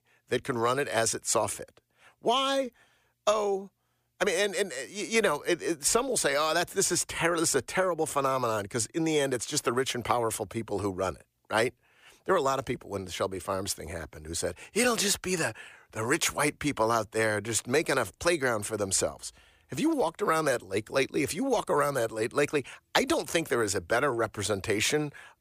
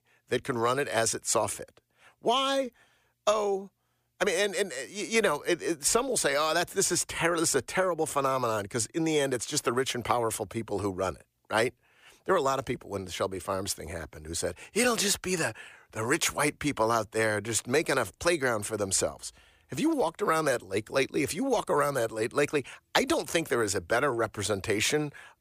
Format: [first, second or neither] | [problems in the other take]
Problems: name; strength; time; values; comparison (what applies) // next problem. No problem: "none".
neither | none